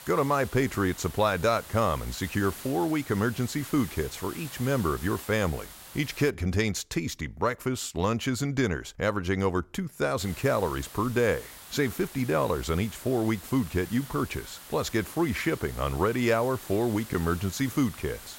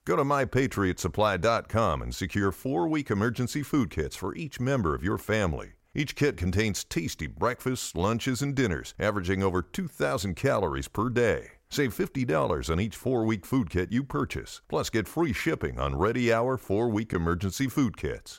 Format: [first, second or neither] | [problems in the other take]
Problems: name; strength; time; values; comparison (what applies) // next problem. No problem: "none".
second | hiss; noticeable; until 6.5 s and from 10 s on; 15 dB below the speech